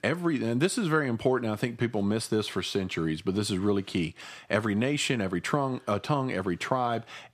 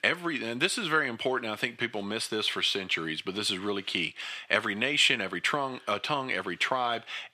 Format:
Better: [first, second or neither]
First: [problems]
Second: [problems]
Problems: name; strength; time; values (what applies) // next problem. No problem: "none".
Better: first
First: none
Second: thin; somewhat; fading below 500 Hz